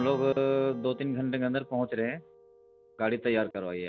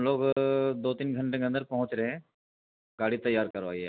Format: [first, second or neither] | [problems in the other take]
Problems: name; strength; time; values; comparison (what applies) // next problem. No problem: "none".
second | background sound (Strum); 17 dB below the speech